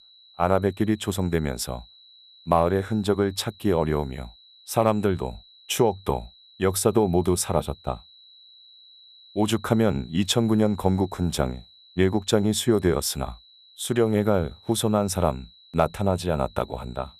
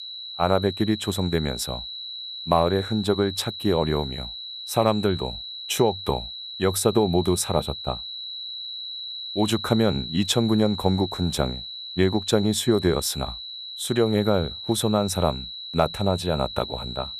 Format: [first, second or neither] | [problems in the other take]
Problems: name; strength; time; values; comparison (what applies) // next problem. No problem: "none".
first | high-pitched whine; loud; throughout; 4 kHz, 9 dB below the speech; faint in the first